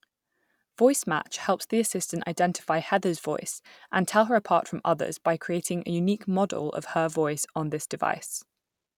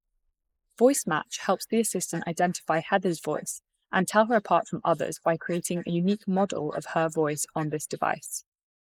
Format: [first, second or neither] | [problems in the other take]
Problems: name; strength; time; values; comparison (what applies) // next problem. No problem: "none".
first | noise reduction (neural mask model Resemble Enhance denoiser)